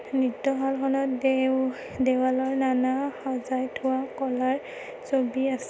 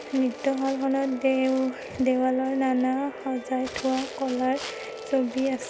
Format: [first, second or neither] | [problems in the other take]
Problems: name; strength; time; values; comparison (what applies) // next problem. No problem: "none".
first | background sound (Bowed string instrument + Crumpling, crinkling); 17 dB below the speech